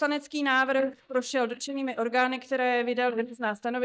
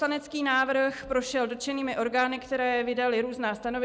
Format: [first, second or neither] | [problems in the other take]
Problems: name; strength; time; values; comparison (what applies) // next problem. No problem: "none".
second | noise reduction (neural mask model DeepFilterNet 3)